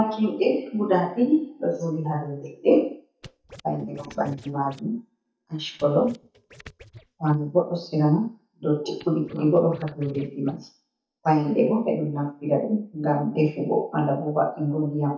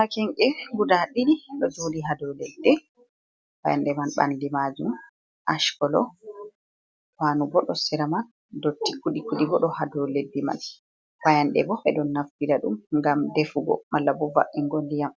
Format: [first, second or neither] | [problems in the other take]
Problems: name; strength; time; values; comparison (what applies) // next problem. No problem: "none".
second | noise reduction (neural mask model DeepFilterNet 3)